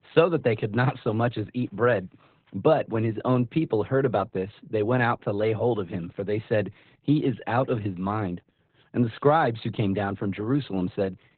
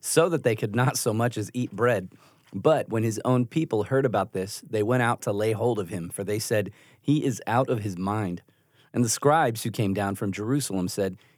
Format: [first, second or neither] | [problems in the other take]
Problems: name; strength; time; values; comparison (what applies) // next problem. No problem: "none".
second | garbled, watery; badly; nothing above 4 kHz